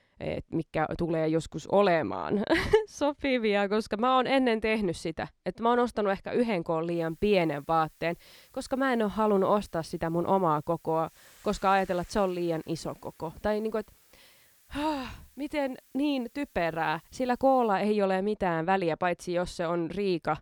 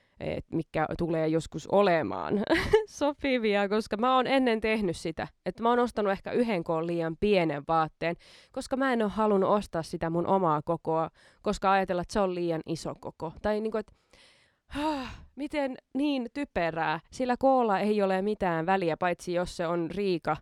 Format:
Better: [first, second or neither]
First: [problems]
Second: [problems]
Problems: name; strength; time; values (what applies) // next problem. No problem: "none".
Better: second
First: hiss; faint; from 7 to 18 s; 30 dB below the speech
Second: none